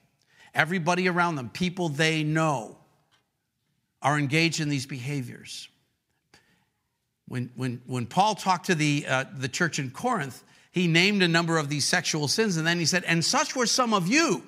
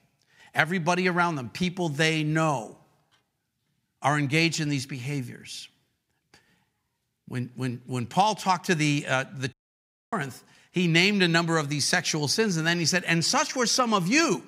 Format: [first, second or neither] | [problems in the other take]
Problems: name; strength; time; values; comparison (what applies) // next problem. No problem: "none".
first | audio cutting out; at 9.5 s for 0.5 s